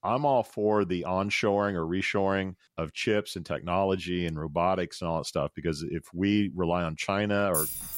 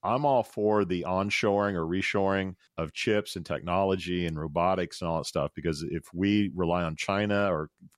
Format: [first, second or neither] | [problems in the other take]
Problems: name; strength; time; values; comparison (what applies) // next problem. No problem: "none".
second | jangling keys; noticeable; at 7.5 s; peak level with the speech